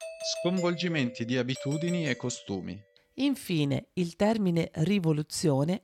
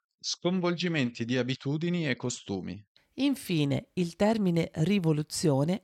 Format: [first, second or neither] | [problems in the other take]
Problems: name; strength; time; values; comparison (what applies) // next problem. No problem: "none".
second | doorbell; noticeable; until 2.5 s; peak 8 dB below the speech